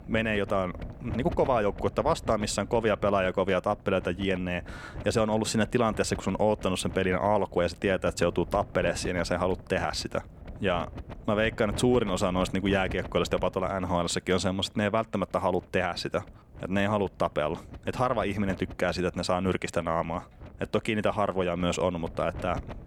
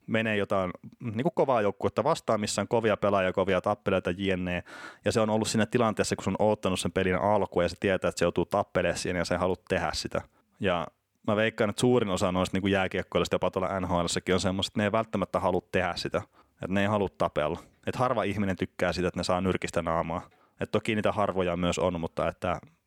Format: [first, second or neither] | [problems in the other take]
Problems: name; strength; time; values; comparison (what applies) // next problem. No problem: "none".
second | wind noise on the microphone; occasional gusts; 20 dB below the speech